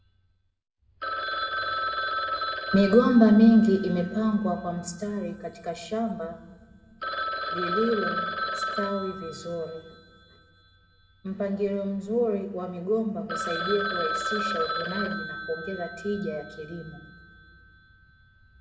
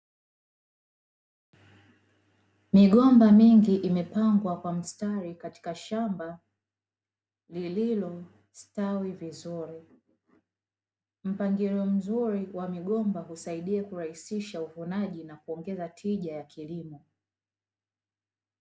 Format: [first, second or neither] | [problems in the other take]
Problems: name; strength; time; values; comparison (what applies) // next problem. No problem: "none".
second | background sound (Telephone); 7 dB below the speech // room echo; dies away in 1.1 s